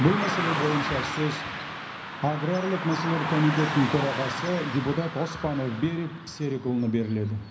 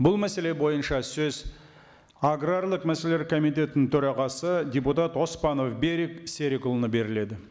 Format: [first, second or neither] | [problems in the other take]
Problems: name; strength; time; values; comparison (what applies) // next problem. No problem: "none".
second | background sound (Car passing by / Traffic noise, roadway noise); 5 dB below the speech // room echo; dies away in 0.5 s